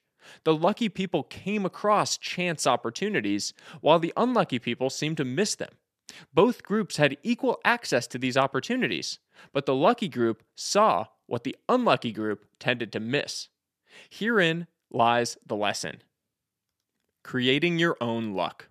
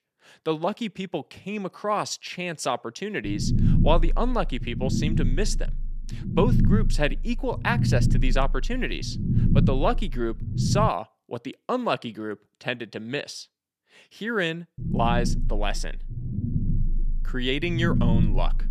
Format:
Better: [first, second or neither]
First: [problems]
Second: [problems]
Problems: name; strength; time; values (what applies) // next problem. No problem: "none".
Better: first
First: none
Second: low rumble; loud; from 3.5 to 11 s and from 15 s on; 7 dB below the speech